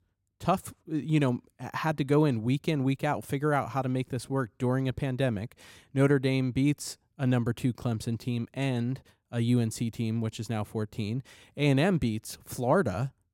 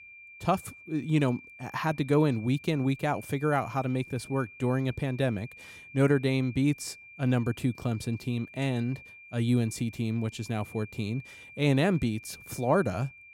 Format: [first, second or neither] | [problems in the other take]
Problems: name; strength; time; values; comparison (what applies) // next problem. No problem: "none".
first | high-pitched whine; noticeable; throughout; 2.5 kHz, 20 dB below the speech